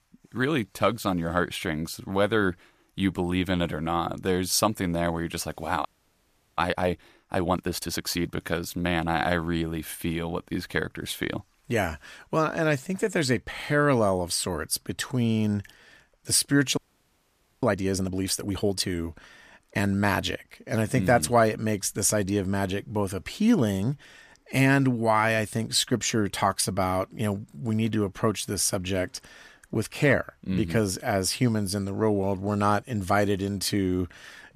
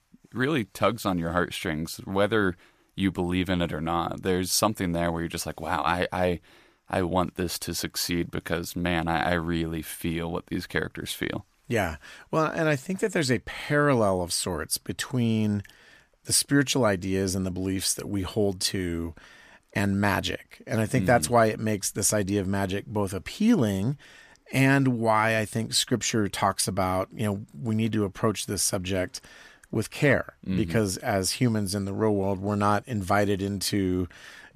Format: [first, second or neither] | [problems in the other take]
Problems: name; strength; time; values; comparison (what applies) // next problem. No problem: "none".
second | audio freezing; at 6 s for 0.5 s and at 17 s for 1 s